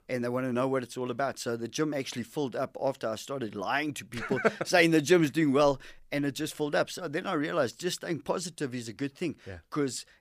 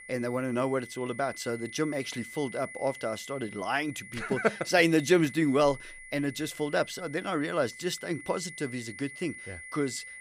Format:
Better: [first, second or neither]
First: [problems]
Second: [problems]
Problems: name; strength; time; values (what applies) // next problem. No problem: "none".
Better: first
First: none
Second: high-pitched whine; noticeable; throughout; 2 kHz, 15 dB below the speech